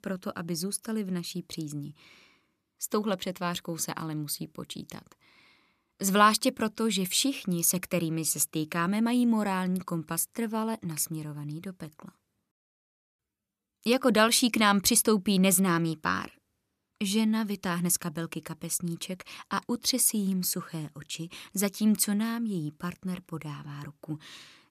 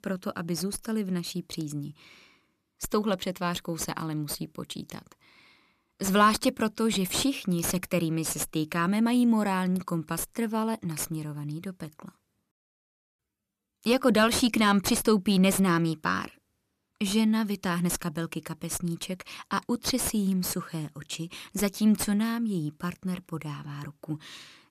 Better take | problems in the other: first | distortion; slight; 10 dB below the speech

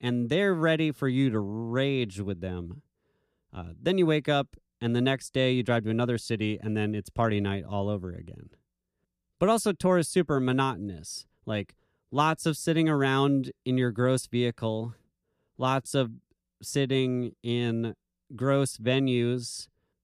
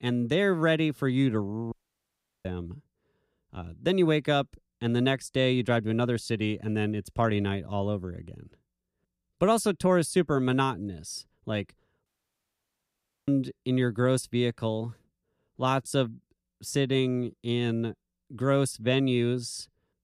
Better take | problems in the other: first | audio cutting out; at 1.5 s for 0.5 s and at 12 s for 1 s

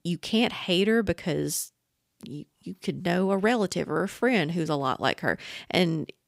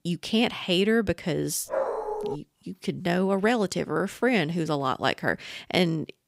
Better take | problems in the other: first | dog barking; noticeable; at 1.5 s; peak 3 dB below the speech

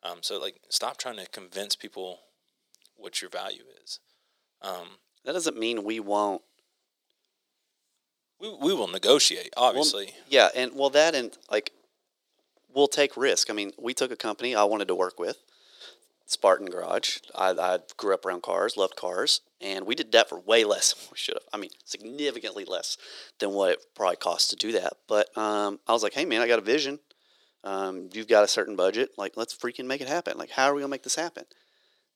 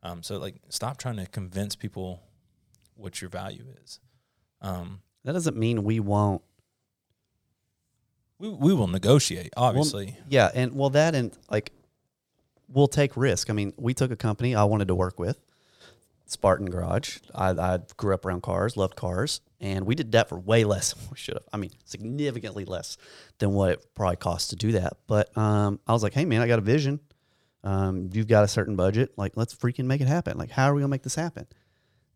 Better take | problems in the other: second | thin; very; fading below 350 Hz

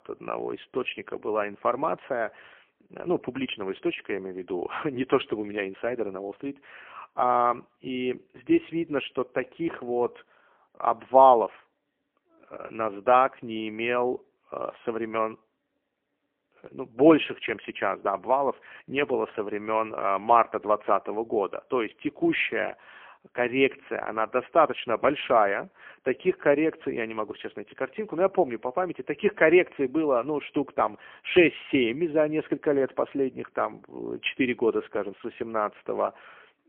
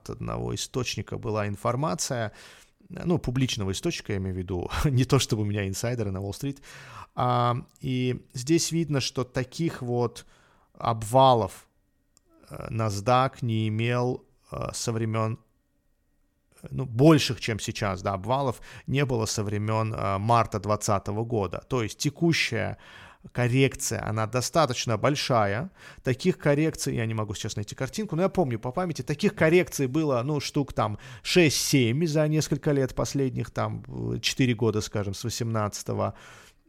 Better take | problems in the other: second | phone-call audio; poor line; nothing above 3 kHz

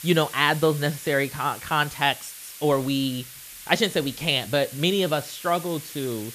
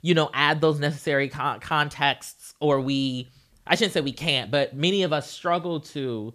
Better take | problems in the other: second | hiss; noticeable; throughout; 15 dB below the speech

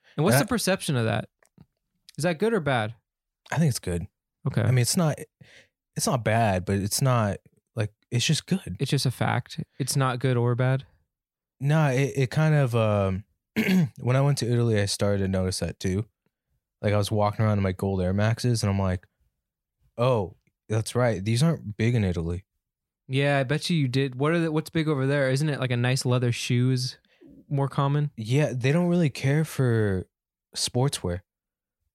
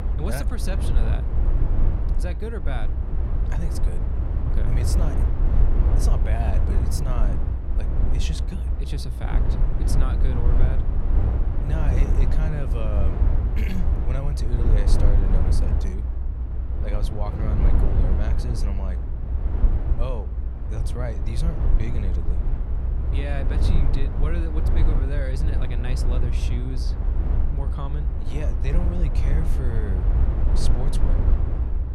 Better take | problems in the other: first | low rumble; loud; throughout; 1 dB below the speech

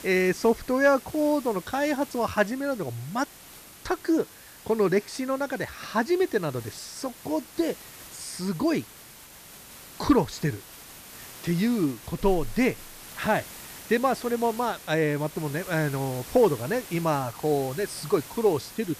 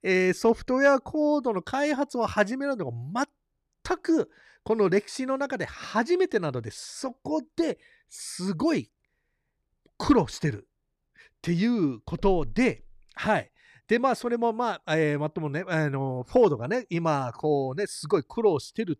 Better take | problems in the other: second | hiss; noticeable; throughout; 15 dB below the speech

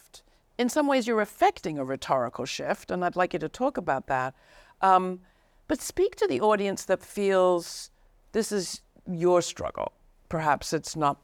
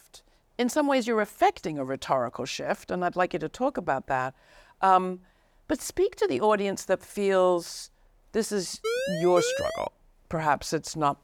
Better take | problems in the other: first | siren; noticeable; from 9 to 10 s; peak 2 dB below the speech

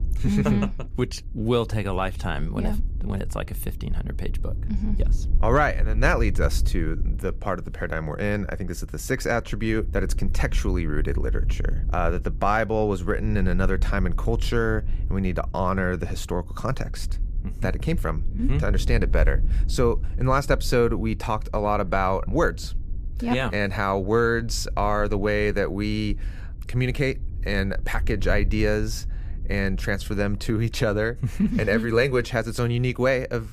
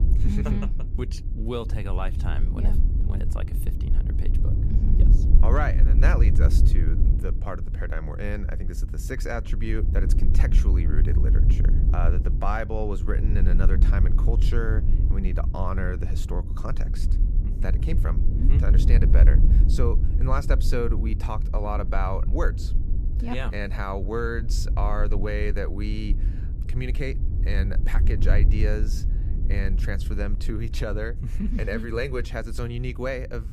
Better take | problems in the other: first | wind noise on the microphone; heavy; 9 dB below the speech; occasional gusts in the first

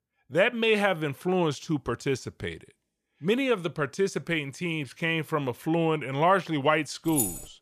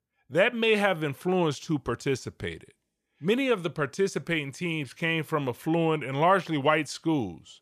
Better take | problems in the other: second | jangling keys; noticeable; at 7 s; peak 2 dB below the speech

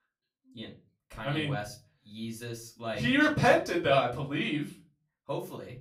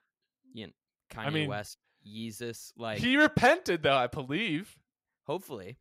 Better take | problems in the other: second | off-mic speech; far // room echo; very slight; dies away in 0.3 s

